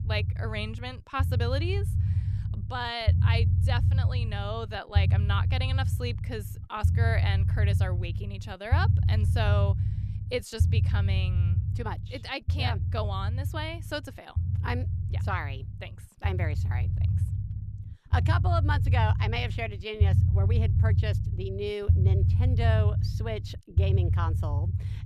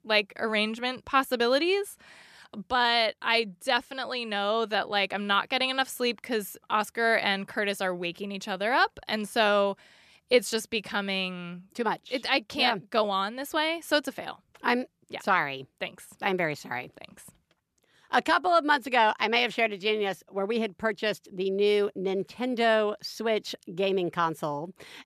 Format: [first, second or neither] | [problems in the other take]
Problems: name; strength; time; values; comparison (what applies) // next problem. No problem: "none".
second | low rumble; loud; throughout; 8 dB below the speech